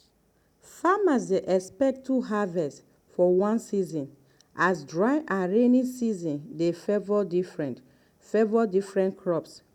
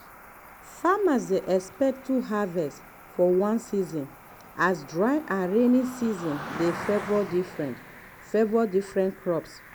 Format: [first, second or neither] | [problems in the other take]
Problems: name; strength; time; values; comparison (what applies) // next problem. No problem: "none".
first | background sound (Cricket); 16 dB below the speech